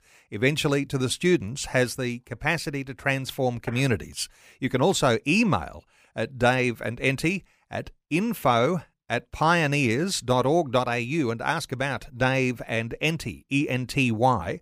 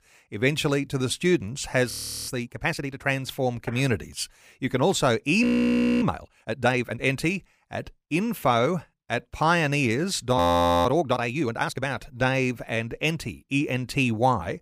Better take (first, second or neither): first